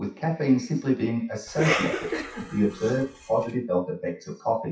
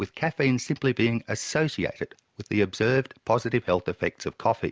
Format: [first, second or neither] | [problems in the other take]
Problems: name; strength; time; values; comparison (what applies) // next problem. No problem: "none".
second | noise reduction (classical method WPE with log-MMSE)